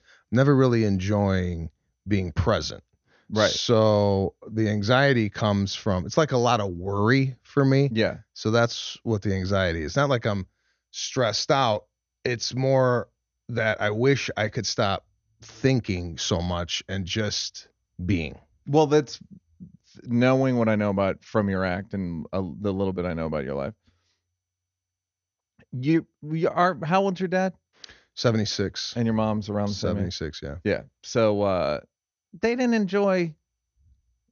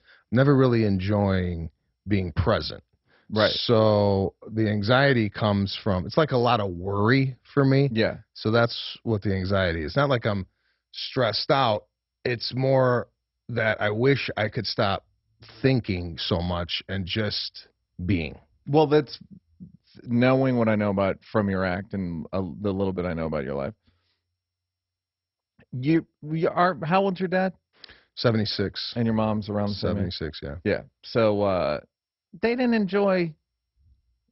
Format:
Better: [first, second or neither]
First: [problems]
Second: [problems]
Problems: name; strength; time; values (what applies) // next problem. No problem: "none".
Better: first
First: garbled, watery; slightly; nothing above 6.5 kHz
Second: garbled, watery; badly; nothing above 5.5 kHz